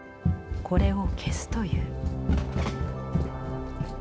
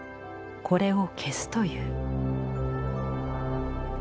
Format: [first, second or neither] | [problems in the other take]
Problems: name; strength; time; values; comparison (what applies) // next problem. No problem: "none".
second | background sound (Run); 3 dB above the speech